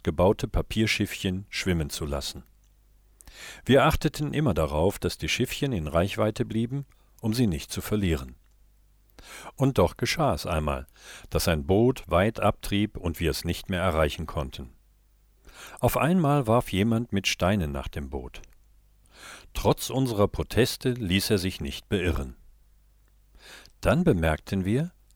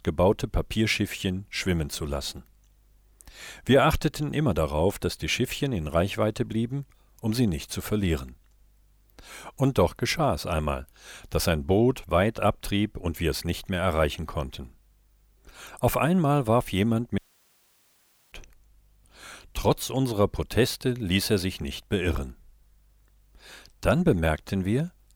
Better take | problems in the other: first | audio cutting out; at 17 s for 1 s

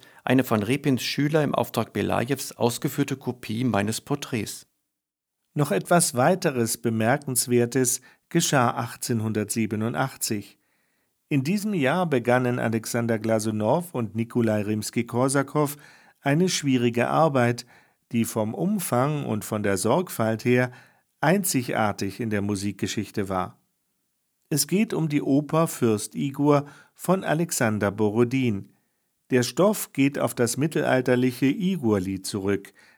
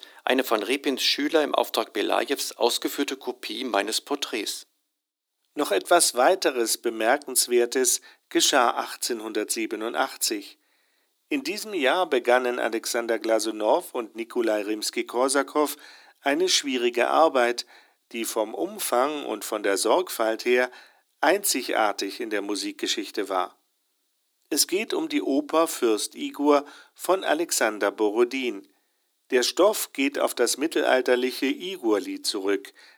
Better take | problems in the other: first | thin; somewhat; fading below 300 Hz

